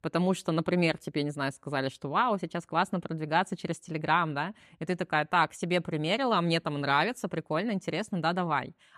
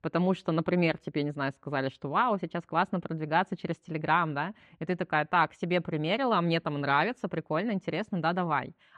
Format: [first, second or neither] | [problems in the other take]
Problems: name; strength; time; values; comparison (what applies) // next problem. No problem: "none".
first | muffled; very slightly; fading above 3 kHz